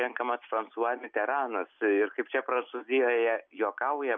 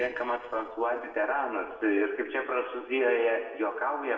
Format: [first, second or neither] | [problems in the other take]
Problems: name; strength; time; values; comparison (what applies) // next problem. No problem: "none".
first | noise reduction (neural separator model SepFormer DNS4)